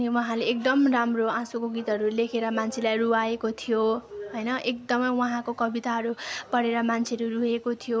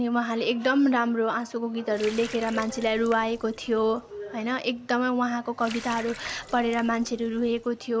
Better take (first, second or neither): first